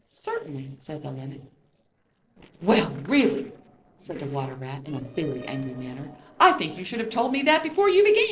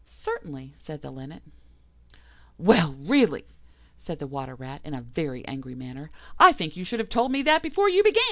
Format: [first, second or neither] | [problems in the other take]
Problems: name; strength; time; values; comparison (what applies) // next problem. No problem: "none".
second | noise reduction (neural separator model SepFormer DNS4)